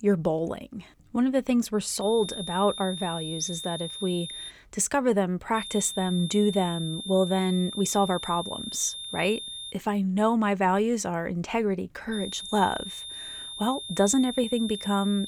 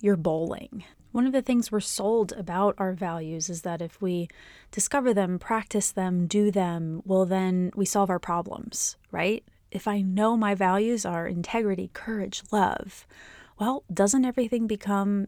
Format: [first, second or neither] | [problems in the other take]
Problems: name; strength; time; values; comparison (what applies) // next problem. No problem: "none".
second | high-pitched whine; loud; from 2 to 4.5 s, from 5.5 to 9.5 s and from 12 s on; 3.5 kHz, 9 dB below the speech